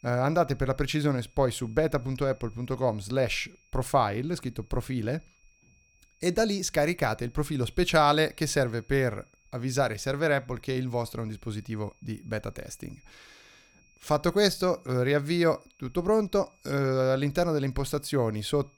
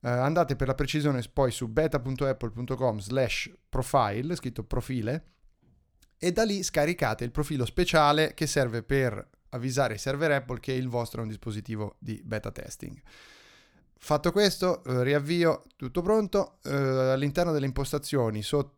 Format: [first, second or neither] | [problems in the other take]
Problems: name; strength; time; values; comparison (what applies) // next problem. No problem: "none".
second | high-pitched whine; faint; throughout; 2.5 kHz, 35 dB below the speech